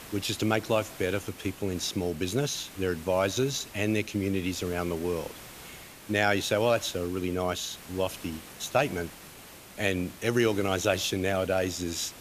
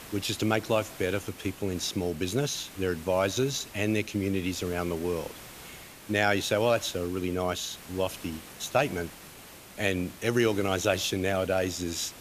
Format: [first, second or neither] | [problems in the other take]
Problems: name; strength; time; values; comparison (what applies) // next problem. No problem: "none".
neither | hiss; noticeable; throughout; 15 dB below the speech; the same in both